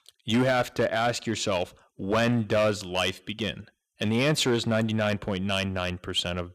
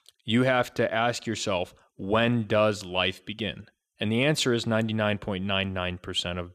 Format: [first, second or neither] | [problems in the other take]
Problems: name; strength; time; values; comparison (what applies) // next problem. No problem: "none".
second | distortion; slight; 5% of the sound clipped